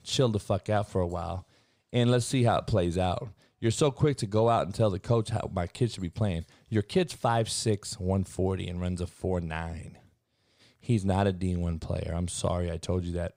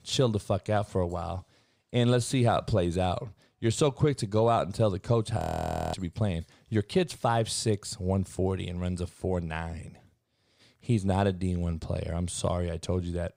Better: first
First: none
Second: audio freezing; at 5.5 s for 0.5 s

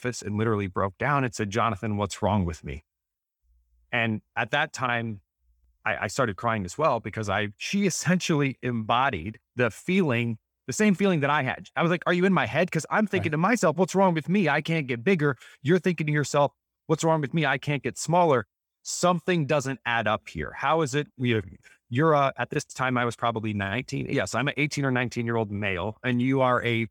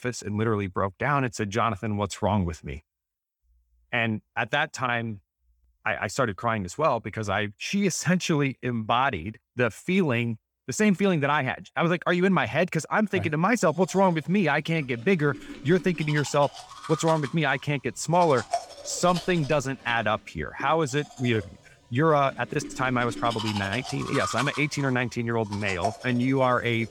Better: first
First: none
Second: household noises; noticeable; from 14 s on; 10 dB below the speech

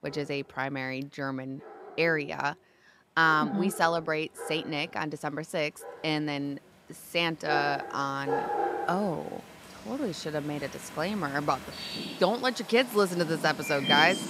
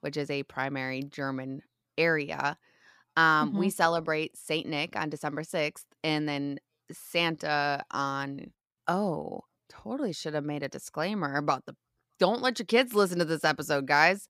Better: second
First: animal sounds; loud; throughout; 7 dB below the speech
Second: none

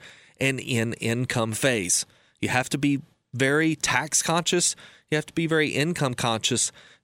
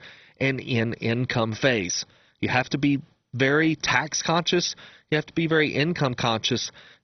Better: first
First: none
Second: garbled, watery; badly; nothing above 6 kHz

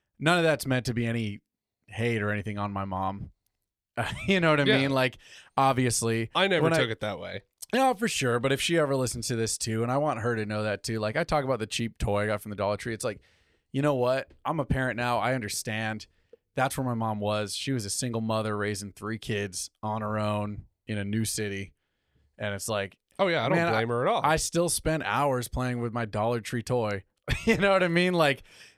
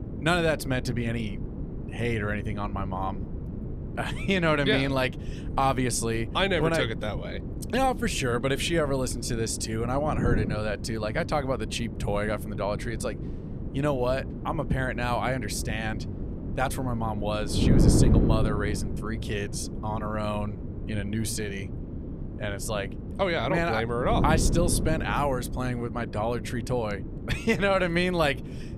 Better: first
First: none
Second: wind noise on the microphone; occasional gusts; 10 dB below the speech

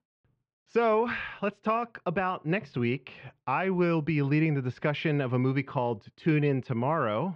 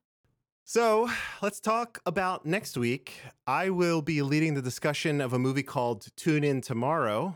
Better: second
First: muffled; very; fading above 3.5 kHz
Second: none

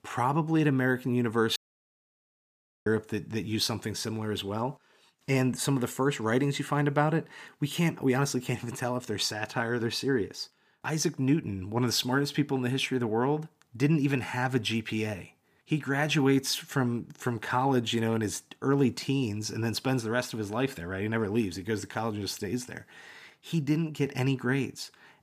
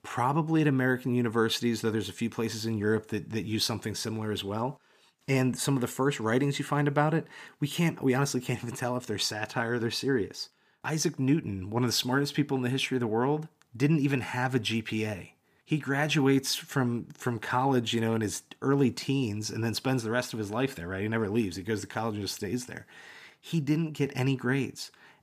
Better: second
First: audio cutting out; at 1.5 s for 1.5 s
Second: none

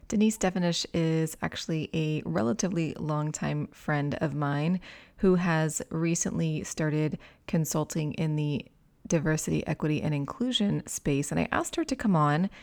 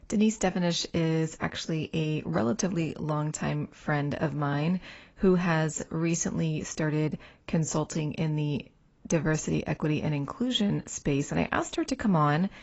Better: first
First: none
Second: garbled, watery; badly; nothing above 7.5 kHz

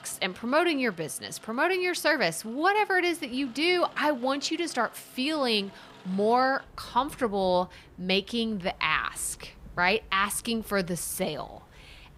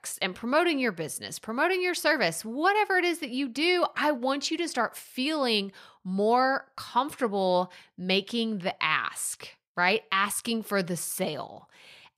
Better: second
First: rain or running water; faint; throughout; 25 dB below the speech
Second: none

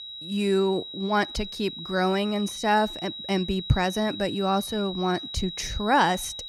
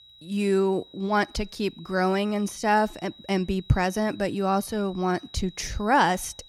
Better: second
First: high-pitched whine; loud; throughout; 4 kHz, 9 dB below the speech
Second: high-pitched whine; faint; throughout; 4 kHz, 25 dB below the speech

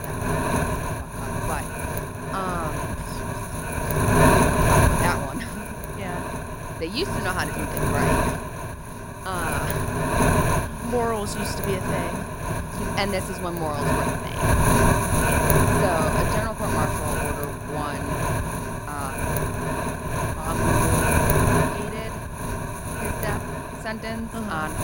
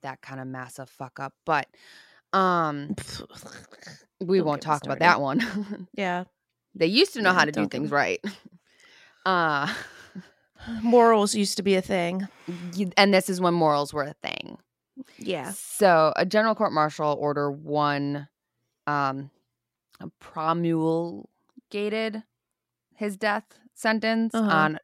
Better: second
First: wind noise on the microphone; heavy; 5 dB above the speech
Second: none

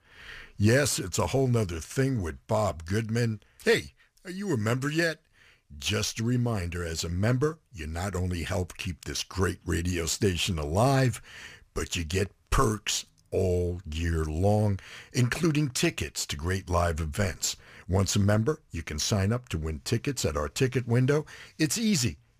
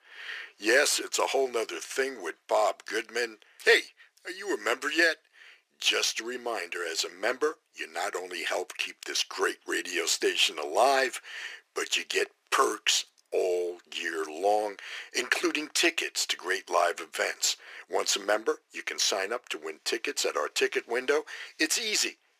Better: first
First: none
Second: thin; very; fading below 350 Hz

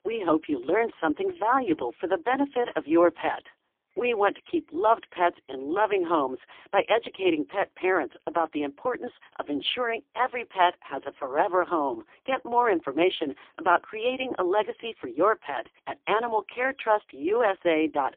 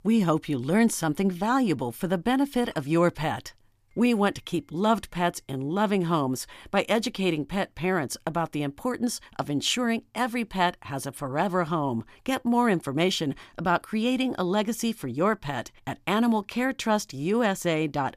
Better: second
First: phone-call audio; poor line; nothing above 3.5 kHz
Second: none

